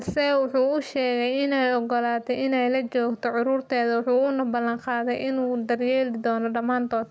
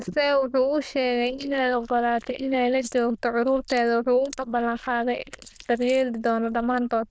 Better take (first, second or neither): first